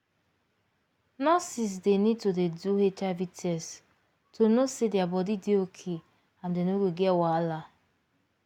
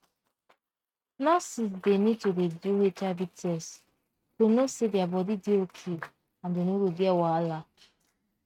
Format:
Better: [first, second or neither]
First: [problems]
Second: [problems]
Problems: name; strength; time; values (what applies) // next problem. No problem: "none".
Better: first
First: none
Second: noise reduction (neural mask model RNNoise)